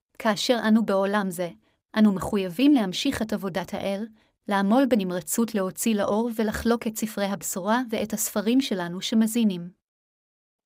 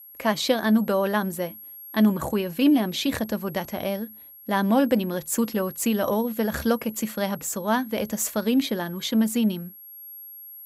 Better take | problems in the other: first | high-pitched whine; noticeable; throughout; 11.5 kHz, 15 dB below the speech

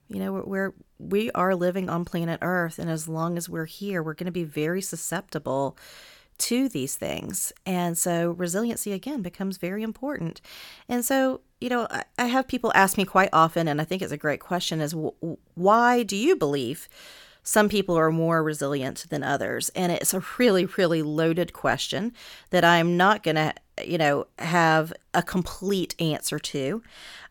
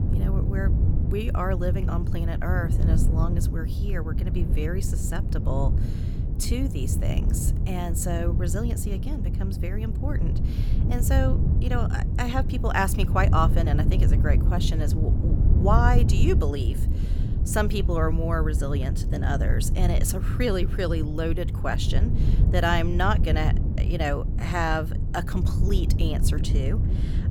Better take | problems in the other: first | low rumble; loud; throughout; 8 dB below the speech

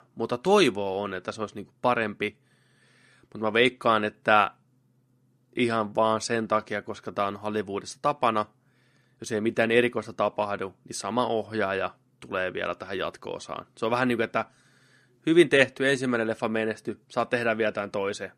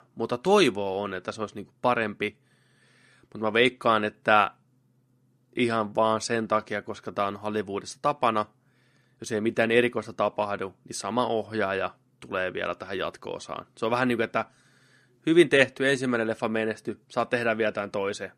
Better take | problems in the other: neither | none

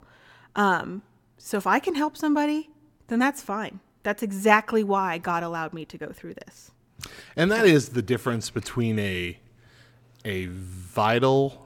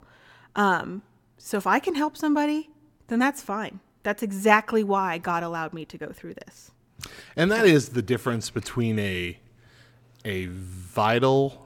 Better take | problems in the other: neither | none

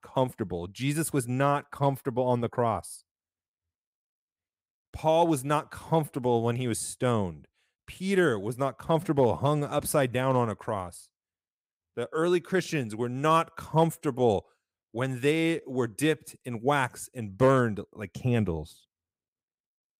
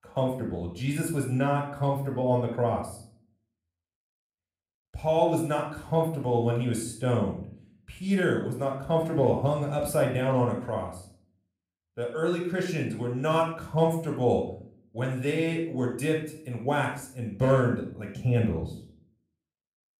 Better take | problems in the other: first | off-mic speech; somewhat distant // room echo; slight; dies away in 0.5 s

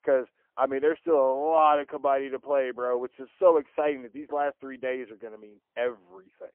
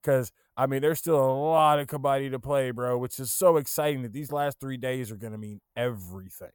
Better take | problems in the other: second | phone-call audio; poor line; nothing above 3 kHz

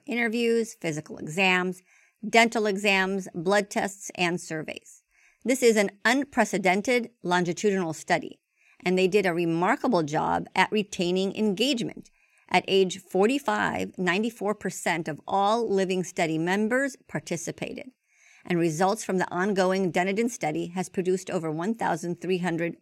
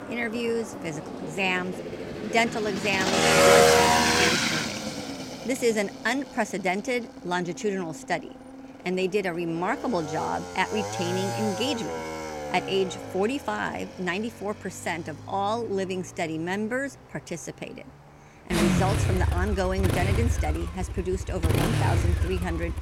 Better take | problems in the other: first | traffic noise; very loud; throughout; 4 dB above the speech

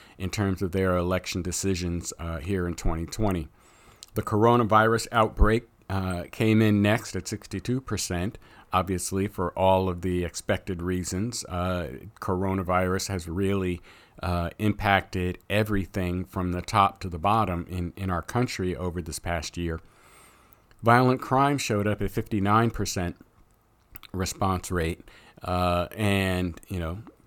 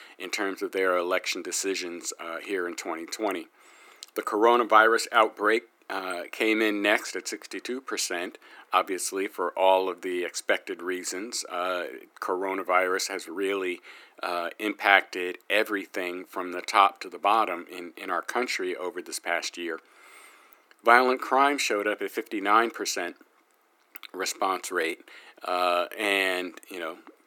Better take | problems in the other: first | thin; very; fading below 300 Hz

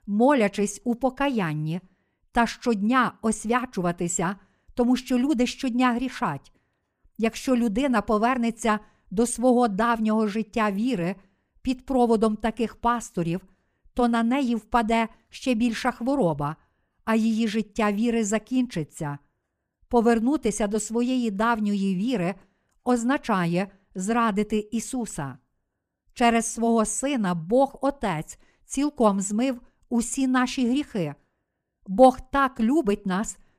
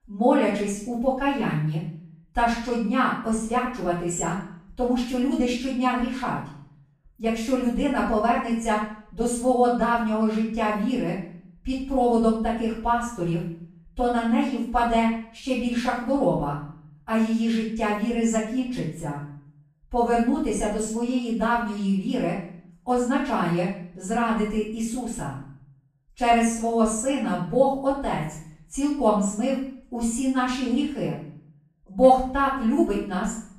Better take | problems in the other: first | off-mic speech; far // room echo; noticeable; dies away in 0.6 s

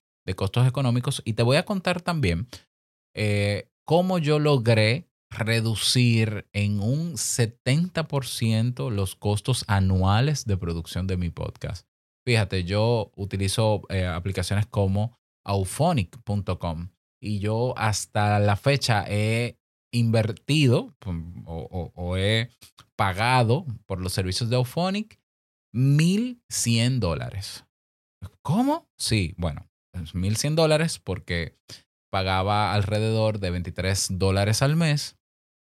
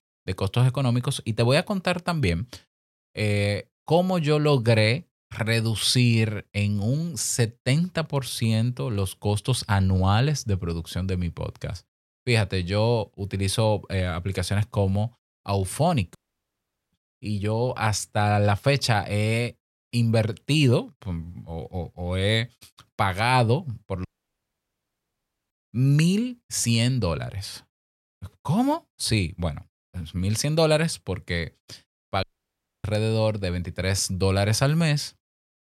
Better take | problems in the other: first | audio cutting out; at 16 s for 1 s, at 24 s for 1.5 s and at 32 s for 0.5 s

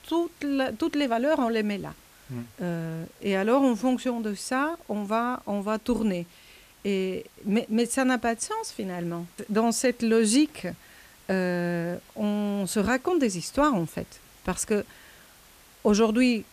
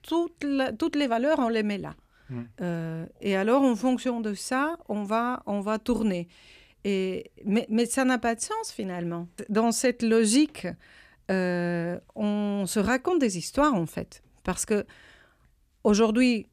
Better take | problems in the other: second | hiss; faint; throughout; 25 dB below the speech

